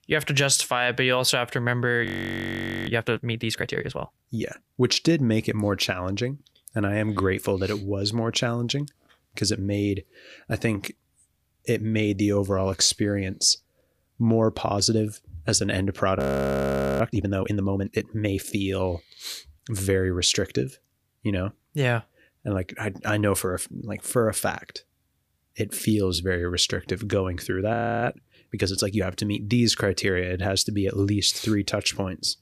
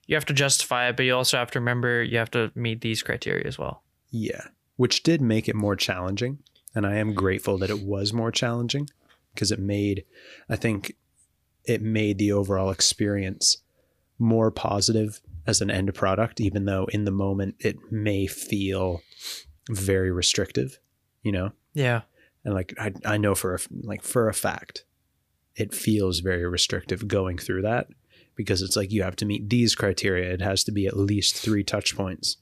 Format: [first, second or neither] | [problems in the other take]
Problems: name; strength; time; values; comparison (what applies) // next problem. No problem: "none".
second | audio freezing; at 2 s for 1 s, at 16 s for 1 s and at 28 s